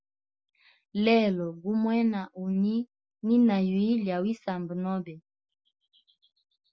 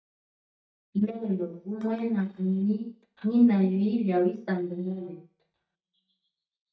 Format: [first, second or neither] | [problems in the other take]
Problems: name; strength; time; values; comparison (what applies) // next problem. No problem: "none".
first | noise reduction (neural mask model DeepFilterNet 3)